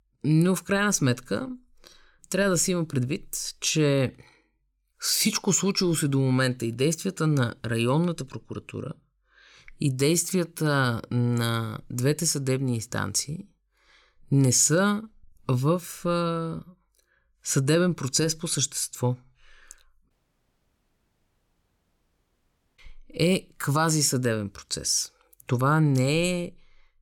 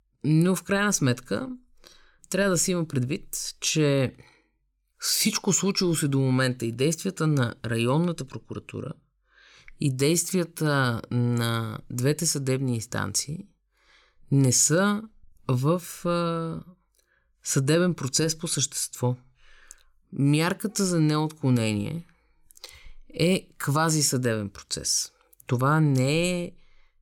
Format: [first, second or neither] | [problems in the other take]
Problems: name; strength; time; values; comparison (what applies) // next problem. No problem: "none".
second | audio cutting out; at 20 s for 2.5 s